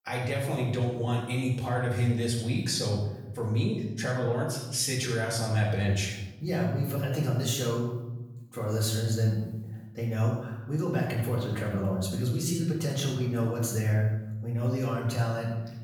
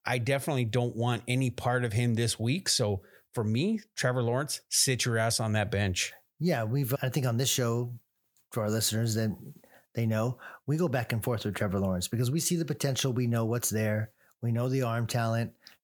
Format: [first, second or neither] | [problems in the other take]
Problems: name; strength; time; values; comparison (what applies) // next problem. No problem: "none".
second | off-mic speech; far // room echo; noticeable; dies away in 1 s